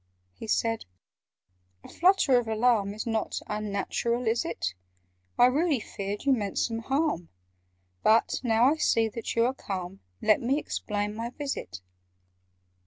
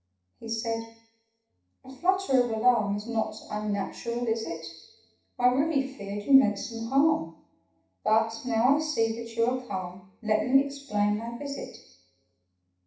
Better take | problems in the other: first | room echo; dies away in 0.7 s

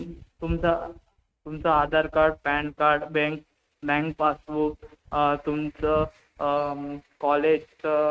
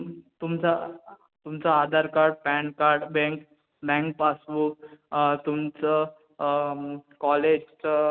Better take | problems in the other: second | noise reduction (neural mask model RNNoise)

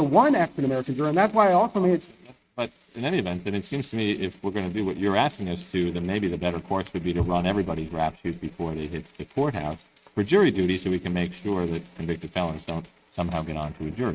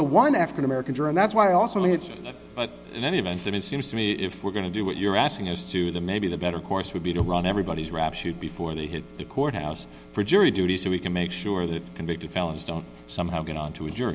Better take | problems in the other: second | noise reduction (neural mask model RNNoise)

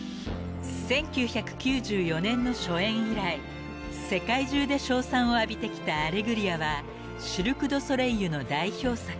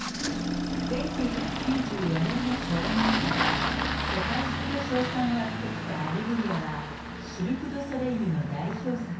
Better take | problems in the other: first | background sound (Engine starting); 2 dB below the speech // room echo; dies away in 0.6 s

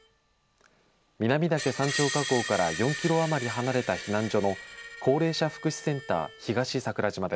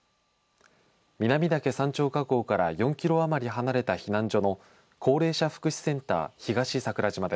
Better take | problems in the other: second | background sound (Screech); 10 dB below the speech

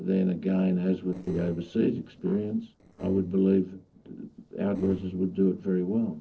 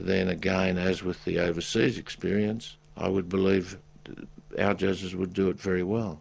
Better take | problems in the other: second | noise reduction (neural separator model SepFormer DNS4)

